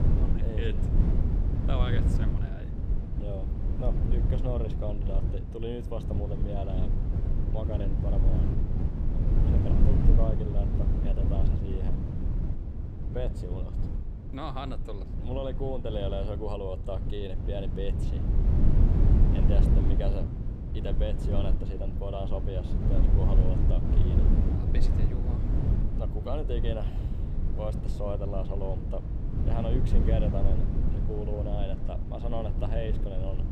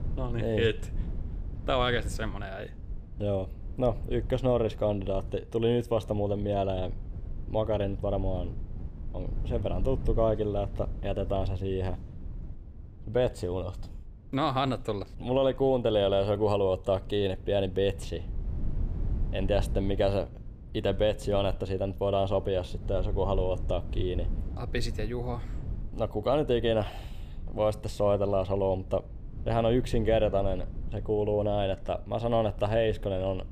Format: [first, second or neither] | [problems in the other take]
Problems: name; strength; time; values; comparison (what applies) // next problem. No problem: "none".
second | low rumble; loud; throughout; 3 dB below the speech; faint in the second